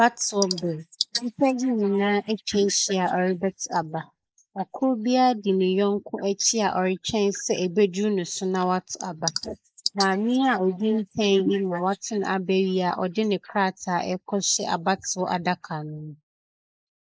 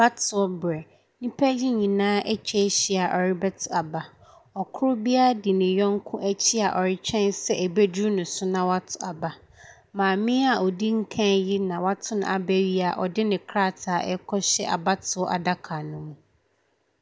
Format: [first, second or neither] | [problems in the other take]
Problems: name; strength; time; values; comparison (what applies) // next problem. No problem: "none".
second | noise reduction (neural mask model Resemble Enhance denoiser)